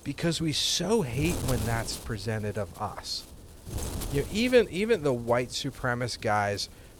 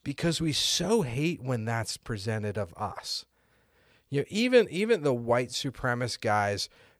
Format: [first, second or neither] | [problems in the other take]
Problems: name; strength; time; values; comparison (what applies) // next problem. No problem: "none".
second | wind noise on the microphone; occasional gusts; 15 dB below the speech